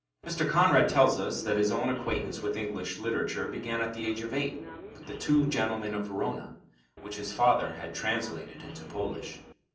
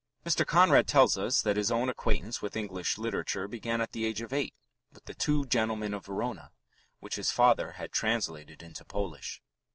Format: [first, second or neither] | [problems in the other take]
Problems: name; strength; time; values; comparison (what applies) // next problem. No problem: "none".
second | background sound (Subway, metro, underground); 15 dB below the speech // room echo; dies away in 0.6 s